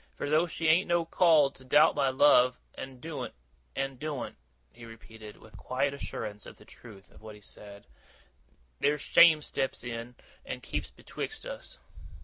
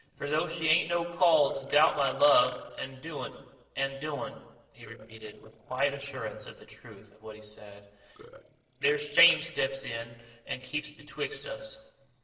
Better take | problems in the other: first | noise reduction (neural separator model SepFormer DNS4)

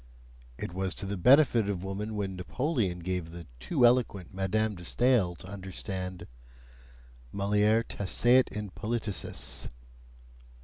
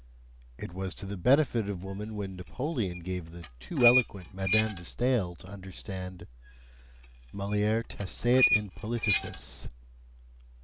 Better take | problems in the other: first | background sound (Squeak); 4 dB below the speech

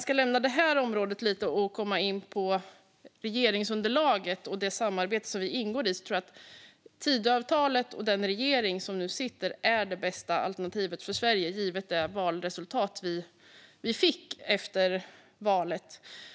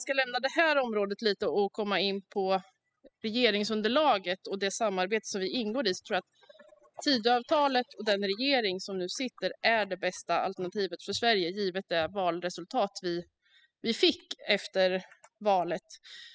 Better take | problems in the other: first | noise reduction (classical method spectral subtraction)

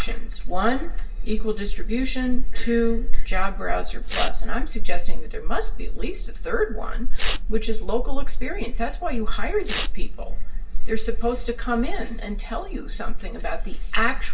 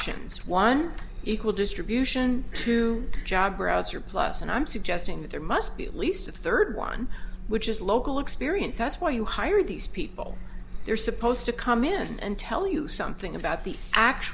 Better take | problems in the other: second | background sound (Tearing); 19 dB below the speech // room echo; dies away in 0.1 s

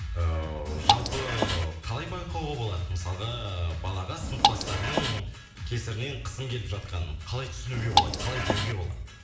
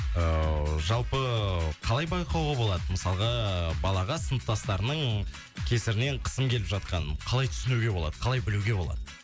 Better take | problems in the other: second | background sound (Drip / Water); 5 dB above the speech // room echo; dies away in 1 s

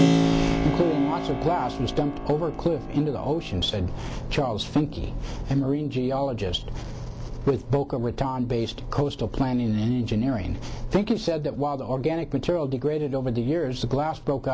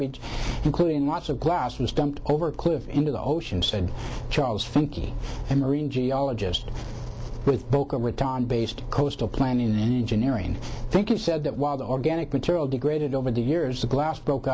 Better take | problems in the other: second | background sound (Keyboard (musical)); 7 dB below the speech

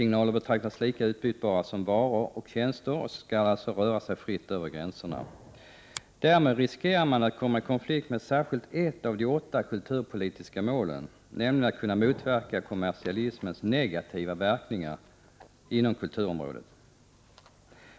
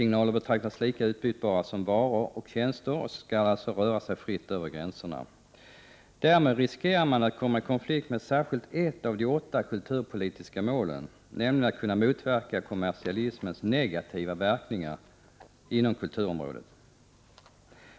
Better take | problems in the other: second | background sound (Explosion + Finger snapping); 20 dB below the speech

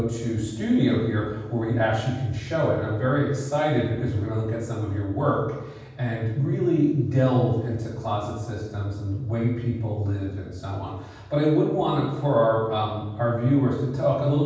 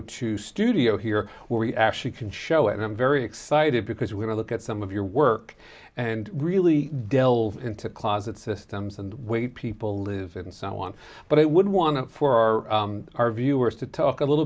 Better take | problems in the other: second | room echo; dies away in 1.2 s

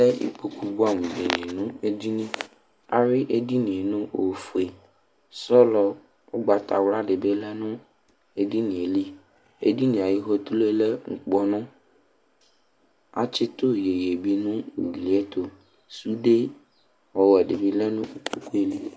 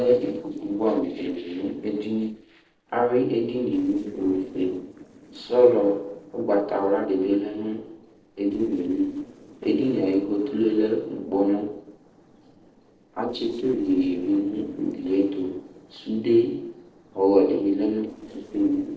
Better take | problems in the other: first | noise reduction (neural separator model SepFormer DNS4)

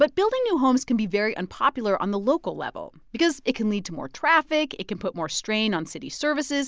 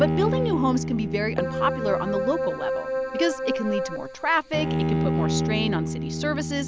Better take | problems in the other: first | background sound (Bowed string instrument + Keyboard (musical)); 1 dB above the speech

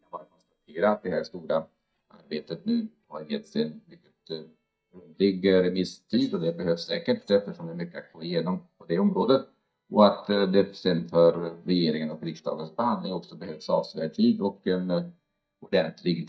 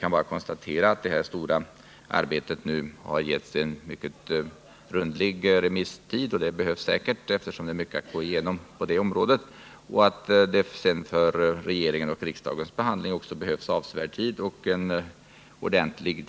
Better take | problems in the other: second | noise reduction (neural mask model DeepFilterNet 3)

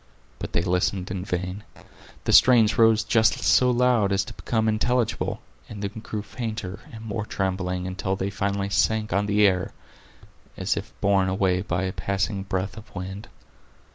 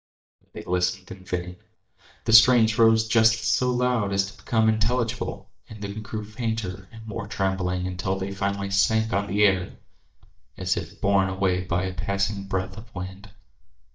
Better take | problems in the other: first | noise reduction (neural mask model DeepFilterNet 3)

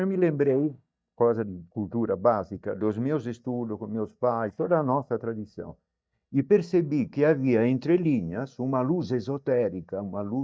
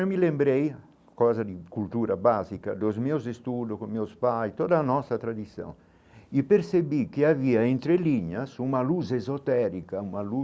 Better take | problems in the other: second | noise reduction (neural mask model DeepFilterNet 3)

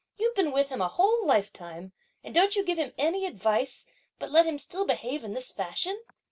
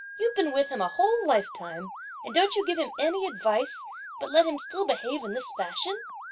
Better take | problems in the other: first | background sound (Motor vehicle (road) / Siren); 12 dB below the speech

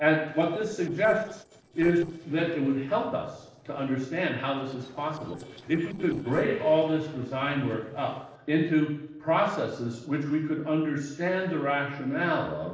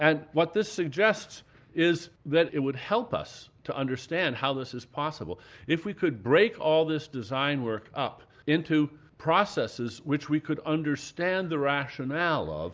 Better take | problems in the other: second | noise reduction (neural separator model SepFormer DNS4)

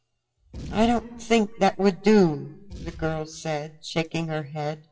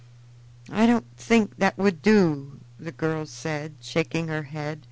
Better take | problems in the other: second | noise reduction (classical method WPE with log-MMSE)

